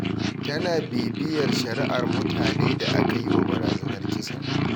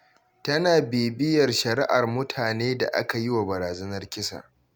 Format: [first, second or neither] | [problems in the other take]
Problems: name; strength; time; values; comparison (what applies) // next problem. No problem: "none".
second | background sound (Purr); 5 dB above the speech